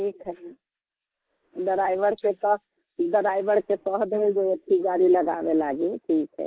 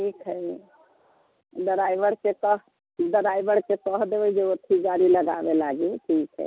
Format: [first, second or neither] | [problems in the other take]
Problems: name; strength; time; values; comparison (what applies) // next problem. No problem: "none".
second | noise reduction (neural mask model Resemble Enhance denoiser)